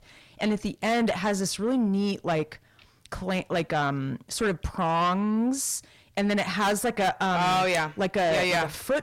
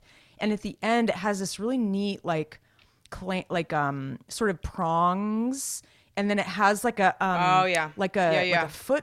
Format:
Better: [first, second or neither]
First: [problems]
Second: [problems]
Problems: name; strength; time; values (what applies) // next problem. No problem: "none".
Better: second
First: distortion; heavy; 8 dB below the speech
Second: none